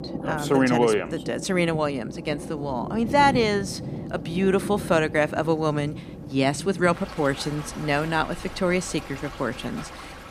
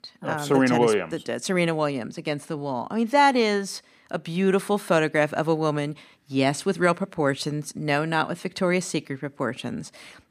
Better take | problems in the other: second | rain or running water; noticeable; throughout; 10 dB below the speech

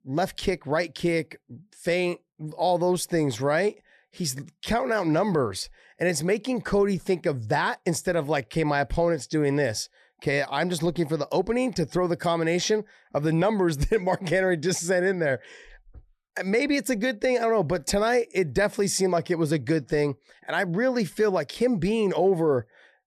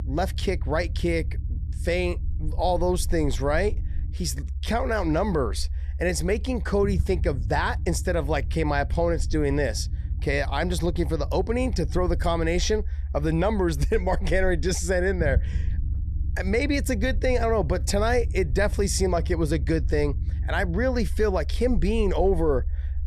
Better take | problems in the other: first | low rumble; faint; throughout; 20 dB below the speech

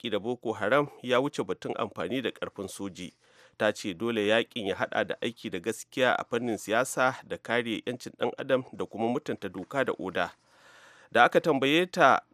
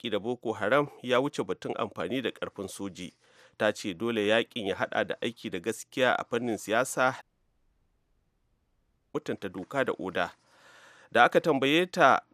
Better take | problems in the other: first | audio cutting out; at 7 s for 2 s

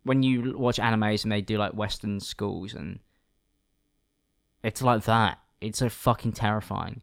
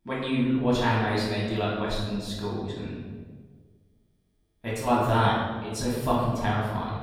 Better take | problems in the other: first | room echo; noticeable; dies away in 1.3 s // off-mic speech; far

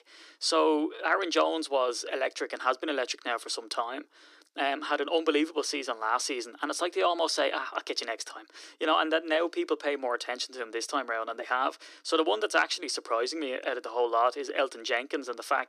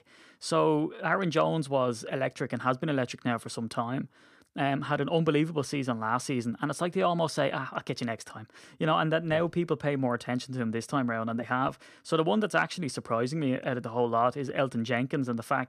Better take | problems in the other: second | thin; somewhat; fading below 300 Hz

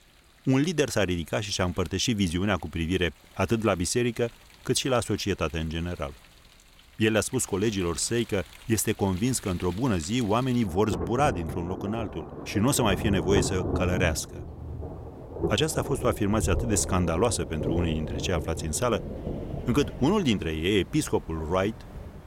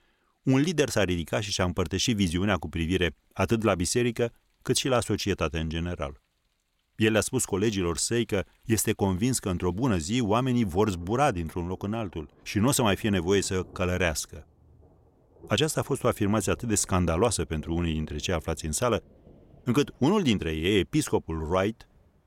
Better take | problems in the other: second | rain or running water; loud; throughout; 8 dB below the speech; faint in the second

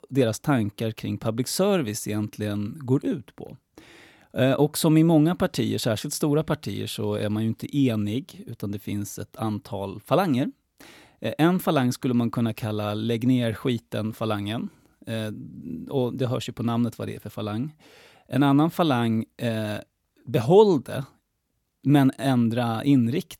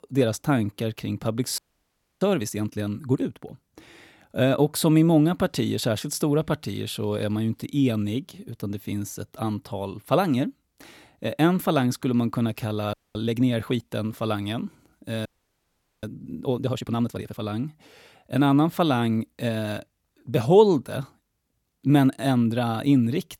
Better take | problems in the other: first | audio freezing; at 1.5 s for 0.5 s, at 13 s and at 15 s for 1 s

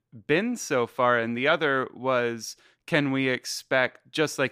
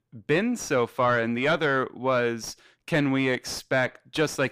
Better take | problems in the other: first | distortion; slight; 10 dB below the speech

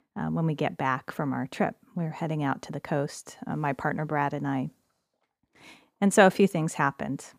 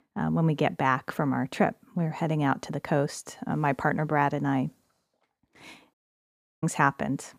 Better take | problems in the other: first | audio cutting out; at 6 s for 0.5 s

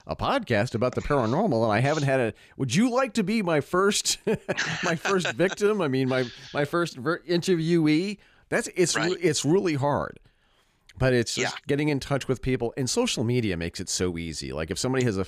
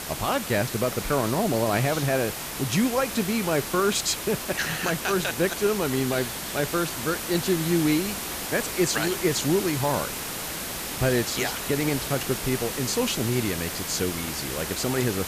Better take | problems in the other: first | hiss; loud; throughout; 5 dB below the speech

